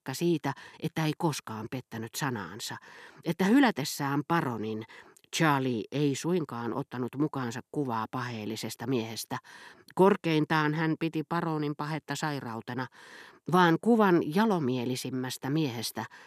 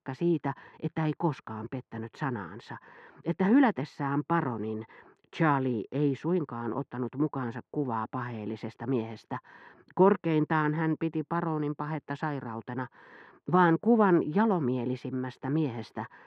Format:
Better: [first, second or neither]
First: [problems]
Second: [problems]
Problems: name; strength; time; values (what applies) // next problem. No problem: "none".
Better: first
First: none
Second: muffled; very; fading above 1.5 kHz